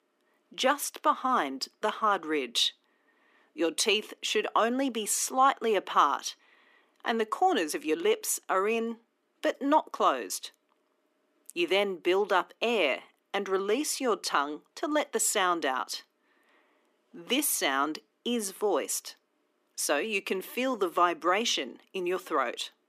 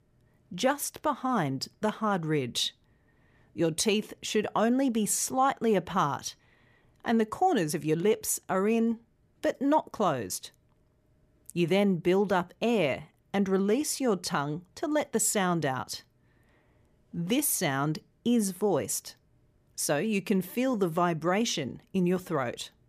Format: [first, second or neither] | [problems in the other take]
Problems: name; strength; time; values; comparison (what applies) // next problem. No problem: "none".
second | thin; somewhat; fading below 250 Hz